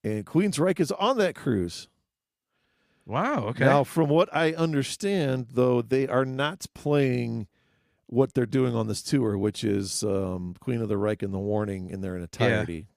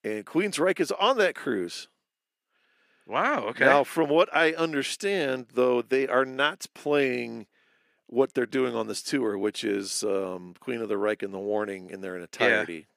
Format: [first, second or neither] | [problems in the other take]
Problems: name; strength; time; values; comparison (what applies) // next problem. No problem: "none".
first | thin; somewhat; fading below 350 Hz